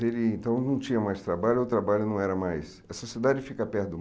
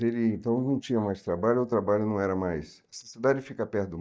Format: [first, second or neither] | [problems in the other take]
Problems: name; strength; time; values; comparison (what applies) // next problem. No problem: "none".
first | noise reduction (neural mask model DeepFilterNet 3)